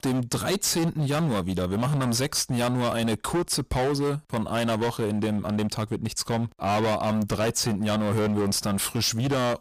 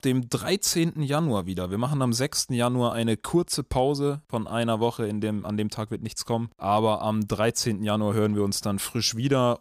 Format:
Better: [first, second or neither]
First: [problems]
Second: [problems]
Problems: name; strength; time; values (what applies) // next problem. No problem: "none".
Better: second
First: distortion; heavy; 25% of the sound clipped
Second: none